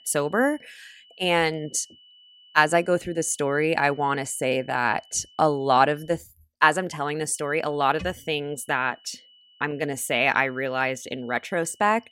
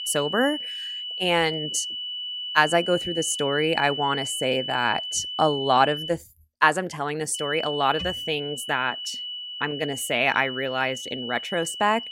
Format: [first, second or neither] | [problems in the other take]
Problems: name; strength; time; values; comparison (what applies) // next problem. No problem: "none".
first | high-pitched whine; loud; until 6 s and from 7.5 s on; 3 kHz, 6 dB below the speech; faint in the first